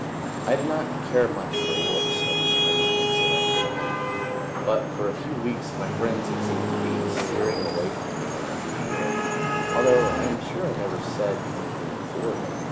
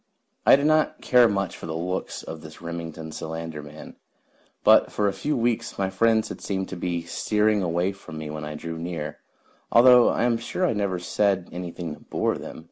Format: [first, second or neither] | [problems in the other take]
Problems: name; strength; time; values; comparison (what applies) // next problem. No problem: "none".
second | background sound (Traffic noise, roadway noise / Vehicle horn, car horn, honking); 3 dB above the speech // room echo; dies away in 0.9 s